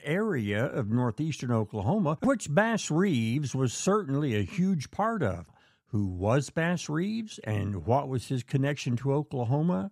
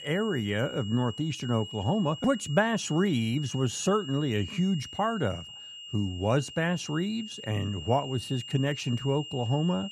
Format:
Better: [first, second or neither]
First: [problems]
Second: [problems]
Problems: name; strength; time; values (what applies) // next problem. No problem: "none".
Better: first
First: none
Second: high-pitched whine; noticeable; throughout; 3 kHz, 10 dB below the speech